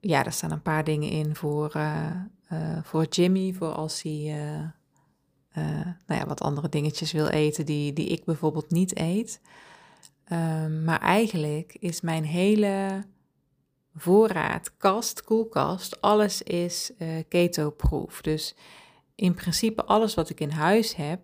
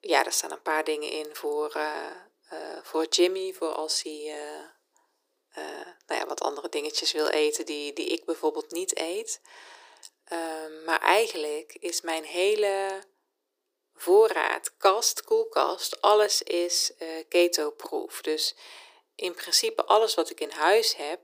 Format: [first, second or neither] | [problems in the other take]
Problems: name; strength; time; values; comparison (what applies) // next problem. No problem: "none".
first | thin; very; fading below 350 Hz